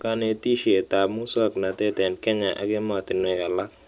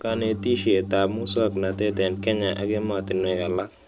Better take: first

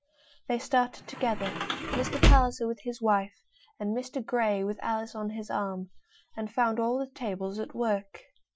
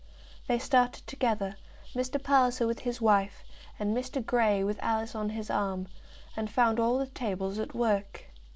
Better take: second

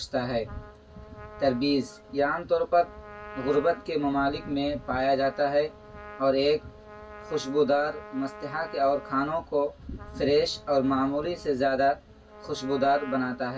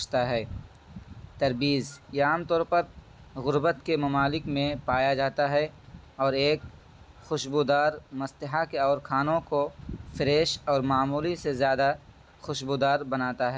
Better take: second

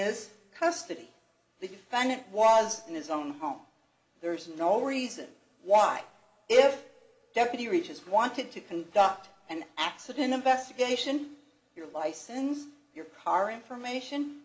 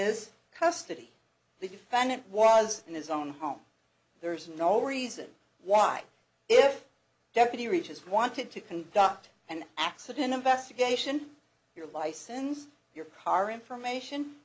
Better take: second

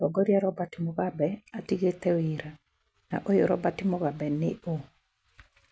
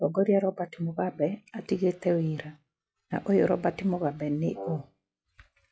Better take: first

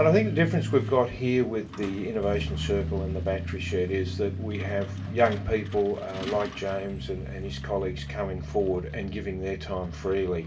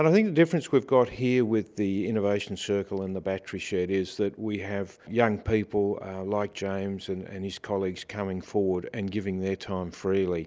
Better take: second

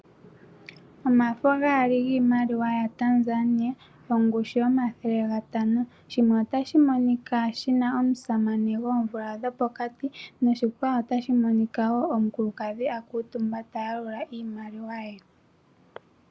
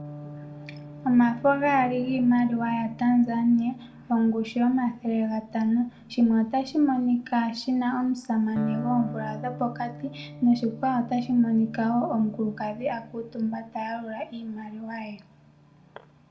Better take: first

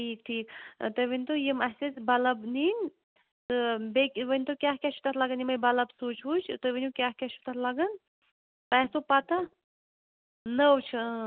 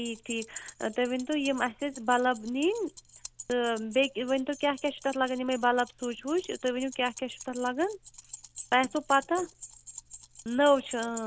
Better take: first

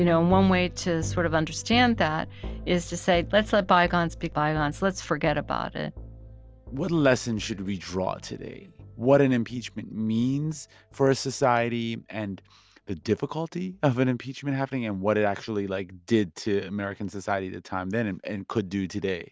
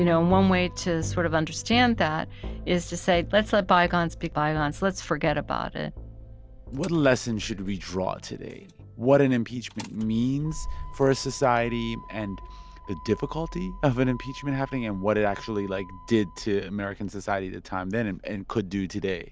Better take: first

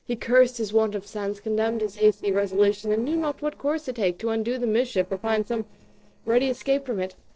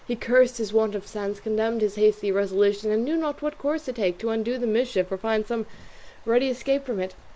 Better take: second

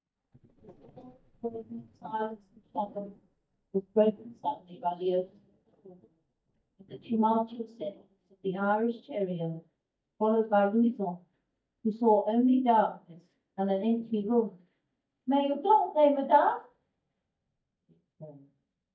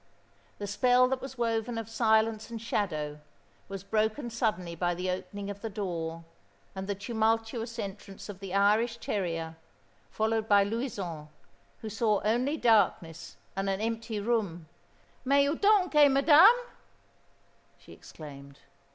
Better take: second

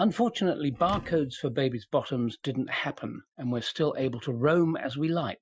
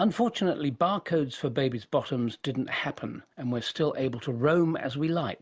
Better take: second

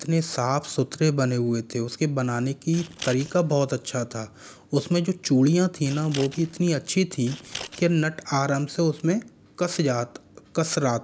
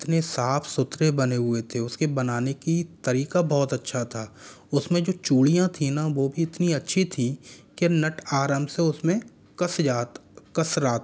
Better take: second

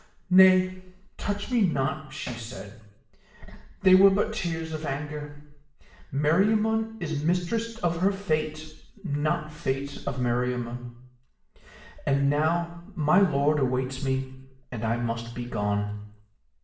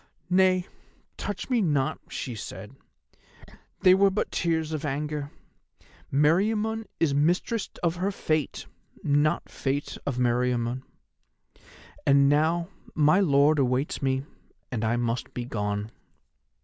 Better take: second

